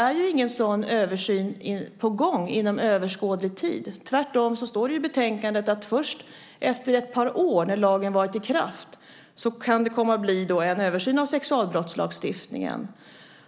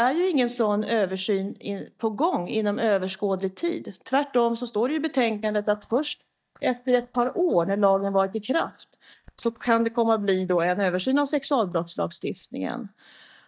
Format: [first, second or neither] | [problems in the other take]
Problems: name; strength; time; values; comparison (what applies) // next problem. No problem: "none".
first | noise reduction (neural mask model DeepFilterNet 3)